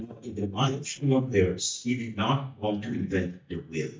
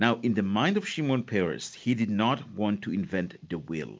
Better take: second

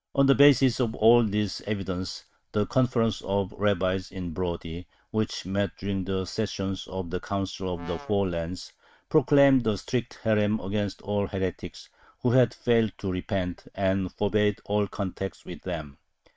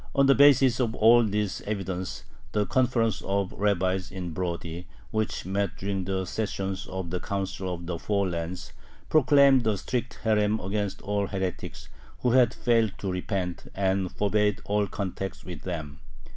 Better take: second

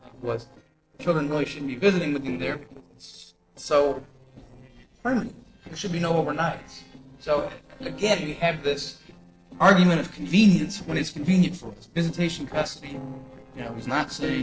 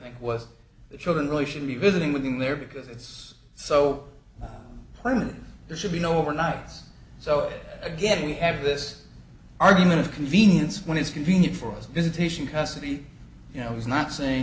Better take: second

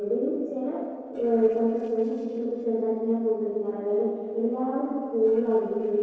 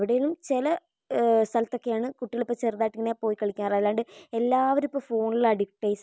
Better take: second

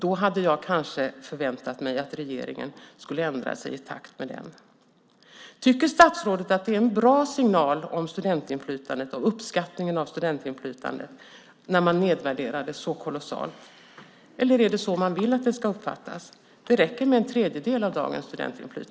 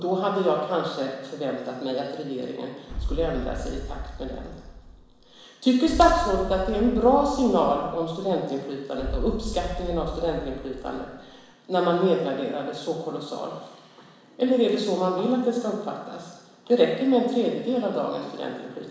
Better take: first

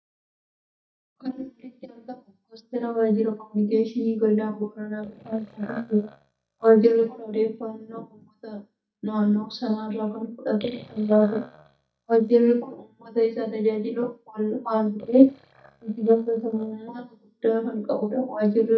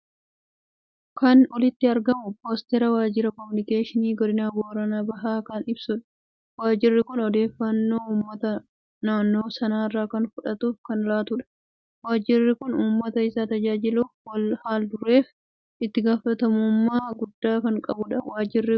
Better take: second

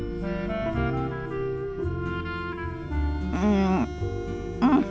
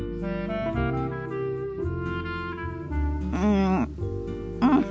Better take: second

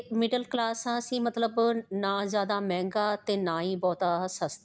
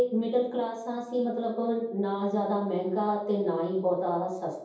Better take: first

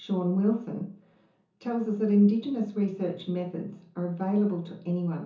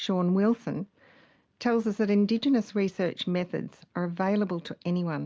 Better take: second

